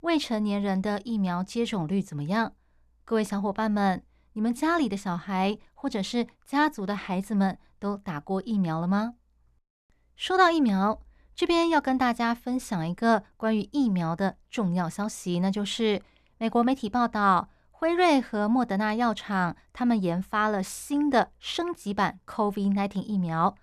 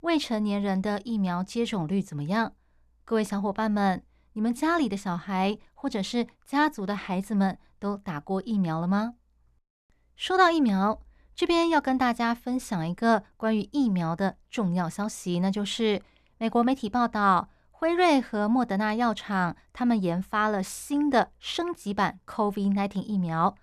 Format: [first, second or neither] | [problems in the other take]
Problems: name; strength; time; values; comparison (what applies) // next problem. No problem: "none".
neither | none